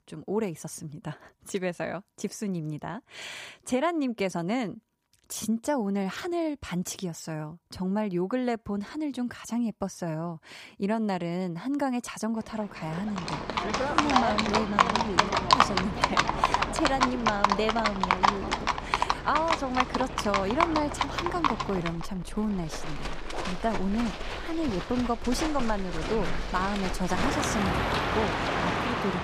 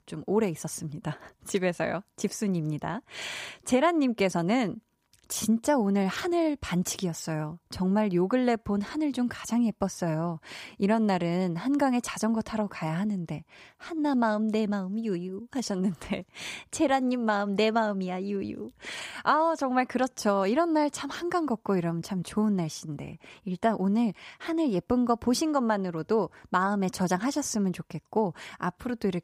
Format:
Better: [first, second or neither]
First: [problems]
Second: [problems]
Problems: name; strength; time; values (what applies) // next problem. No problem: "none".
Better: second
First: animal sounds; very loud; from 13 s on; 3 dB above the speech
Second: none